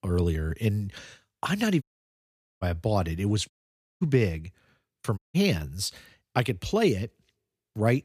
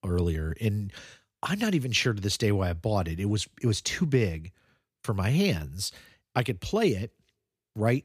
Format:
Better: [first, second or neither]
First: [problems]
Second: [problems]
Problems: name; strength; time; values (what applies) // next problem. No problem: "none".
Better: second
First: audio cutting out; at 2 s for 1 s, at 3.5 s for 0.5 s and at 5 s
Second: none